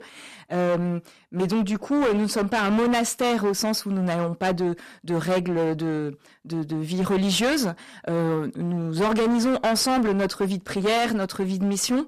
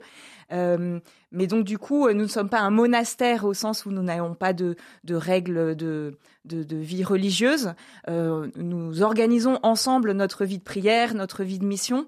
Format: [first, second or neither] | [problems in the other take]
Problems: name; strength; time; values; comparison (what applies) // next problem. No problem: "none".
second | distortion; heavy; 19% of the sound clipped